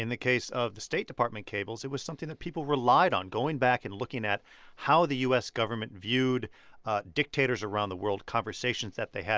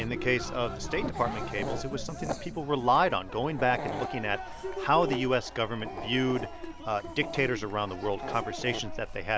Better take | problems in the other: first | background sound (Dog + Cheering); 6 dB below the speech

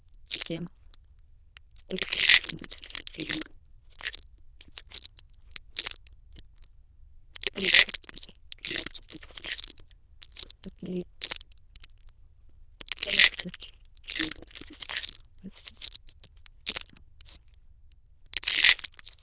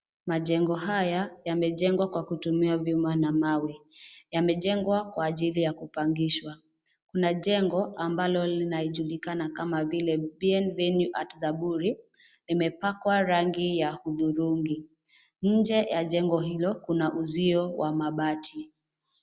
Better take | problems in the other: second | noise reduction (neural diffusion model UNIVERSE++)

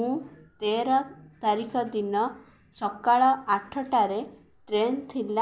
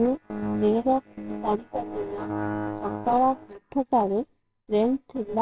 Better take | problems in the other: first | noise reduction (neural separator model SepFormer WHAMR!)

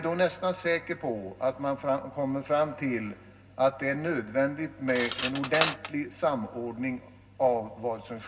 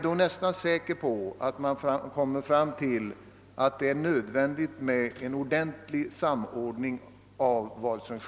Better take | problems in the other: second | background sound (Cutlery, silverware); 7 dB below the speech // room echo; dies away in 0.4 s

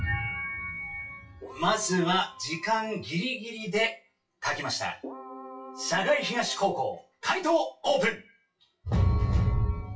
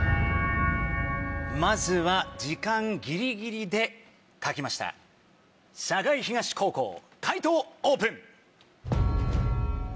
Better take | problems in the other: second | noise reduction (classical method WPE with log-MMSE)

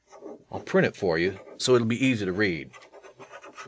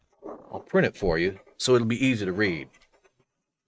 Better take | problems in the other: first | noise reduction (neural mask model RNNoise)

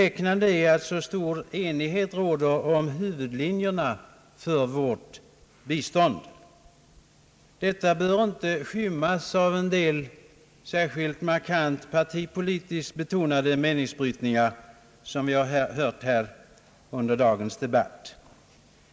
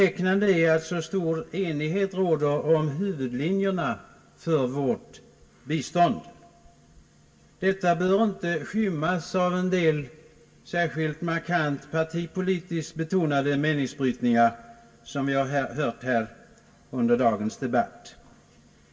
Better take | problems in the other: first | room echo; dies away in 0.1 s

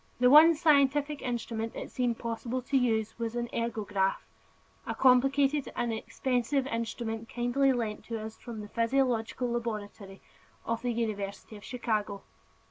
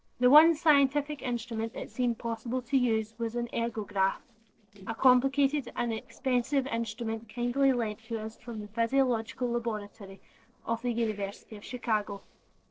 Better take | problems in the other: first | noise reduction (neural separator model SepFormer DNS4)

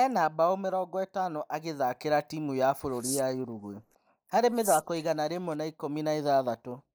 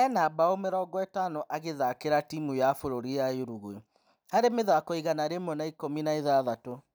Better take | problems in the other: second | noise reduction (neural mask model Resemble Enhance denoiser)

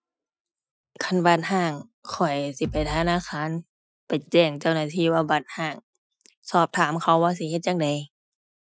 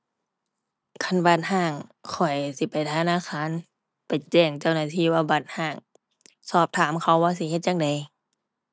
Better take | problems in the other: second | noise reduction (classical method Wiener filter)

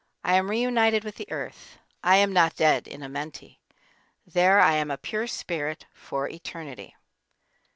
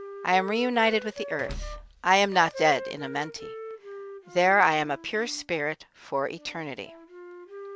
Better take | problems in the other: first | background sound (Wind instrument, woodwind instrument + Door / Car); 13 dB below the speech

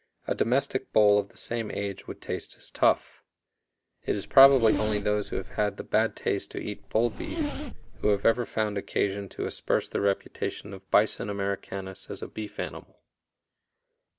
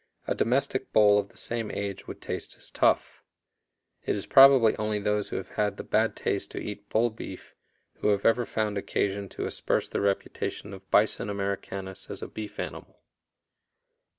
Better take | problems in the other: second | background sound (Zipper (clothing)); 6 dB below the speech

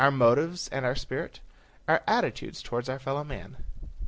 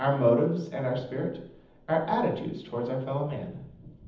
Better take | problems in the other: first | room echo; dies away in 0.8 s

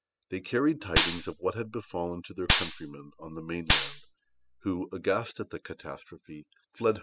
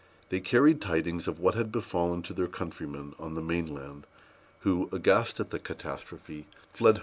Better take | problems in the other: second | noise reduction (classical method spectral subtraction)

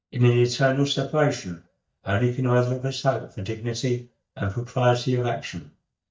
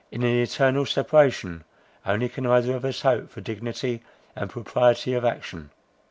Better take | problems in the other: second | noise reduction (neural mask model DeepFilterNet 3)

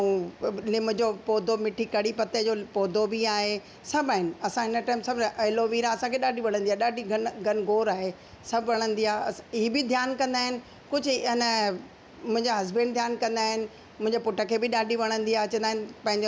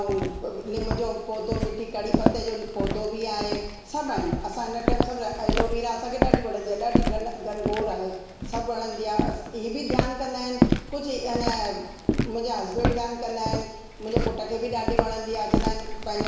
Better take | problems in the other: first | background sound (Walk, footsteps); 1 dB above the speech // room echo; dies away in 1 s

